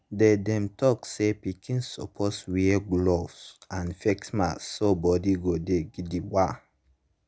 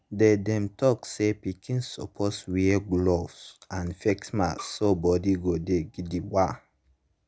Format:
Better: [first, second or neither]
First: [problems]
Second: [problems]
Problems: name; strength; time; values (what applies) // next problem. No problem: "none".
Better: first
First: none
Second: background sound (Bowed string instrument); 19 dB below the speech